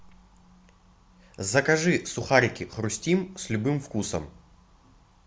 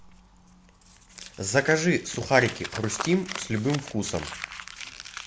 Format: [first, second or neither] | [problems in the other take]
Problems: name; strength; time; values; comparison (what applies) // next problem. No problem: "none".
first | background sound (Crumpling, crinkling); 12 dB below the speech